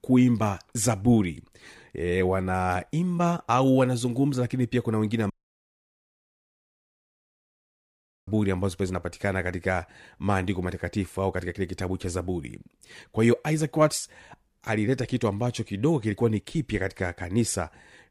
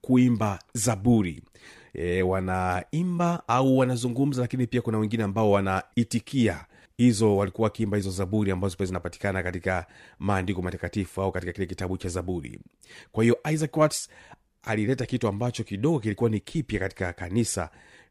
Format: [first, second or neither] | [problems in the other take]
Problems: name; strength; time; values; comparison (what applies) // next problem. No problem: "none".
second | audio cutting out; at 5.5 s for 3 s